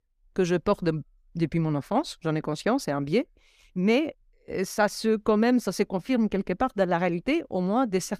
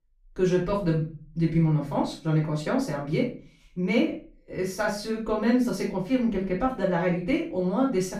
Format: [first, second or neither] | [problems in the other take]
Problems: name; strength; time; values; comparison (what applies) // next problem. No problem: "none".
first | room echo; slight; dies away in 0.3 s // off-mic speech; far